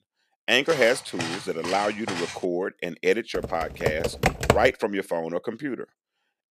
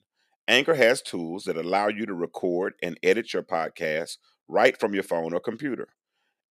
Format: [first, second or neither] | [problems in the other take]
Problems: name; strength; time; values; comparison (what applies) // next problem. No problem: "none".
second | footsteps; noticeable; from 0.5 to 2.5 s; peak 6 dB below the speech // keyboard typing; loud; from 3.5 to 4.5 s; peak 3 dB above the speech